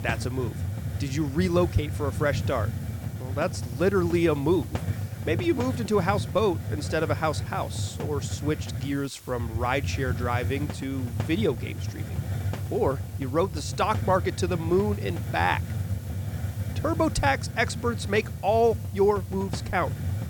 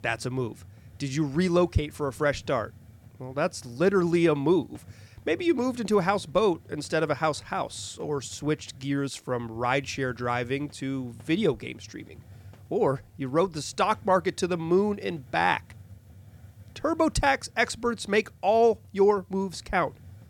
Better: second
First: hiss; loud; throughout; 5 dB below the speech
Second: hiss; faint; throughout; 25 dB below the speech

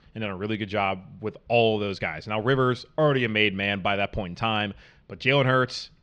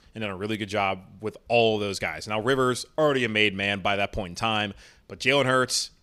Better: second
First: muffled; slightly; fading above 3.5 kHz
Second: none

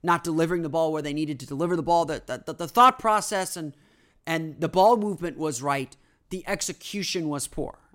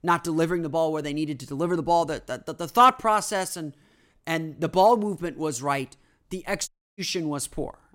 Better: first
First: none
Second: audio cutting out; at 6.5 s

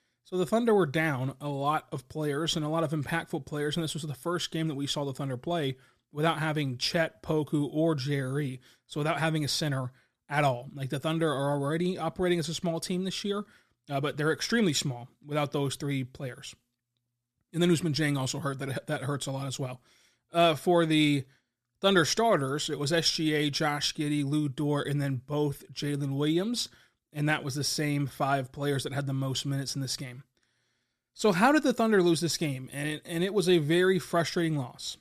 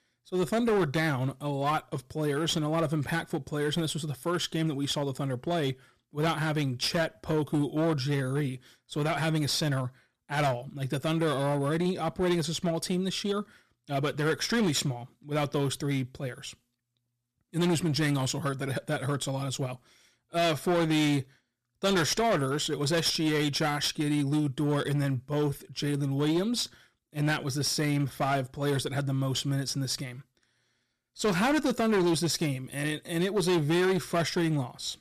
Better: first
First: none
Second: distortion; slight; 9% of the sound clipped

